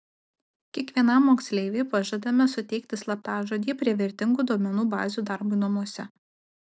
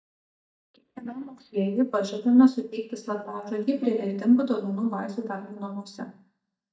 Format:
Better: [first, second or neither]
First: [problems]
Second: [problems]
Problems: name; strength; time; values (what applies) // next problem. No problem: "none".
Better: first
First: none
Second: noise reduction (neural mask model DeepFilterNet 3)